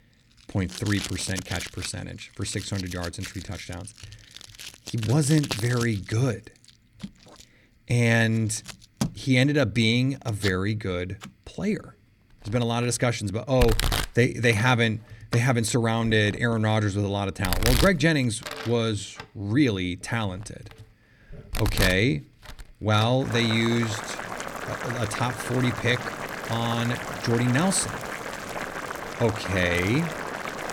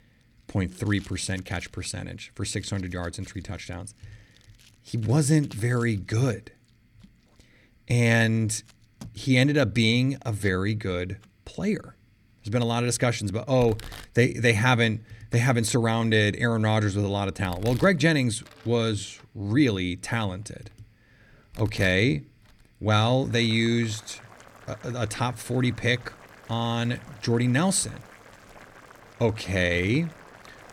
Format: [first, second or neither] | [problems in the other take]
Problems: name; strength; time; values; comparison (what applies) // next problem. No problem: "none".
second | household noises; loud; throughout; 8 dB below the speech; faint in the second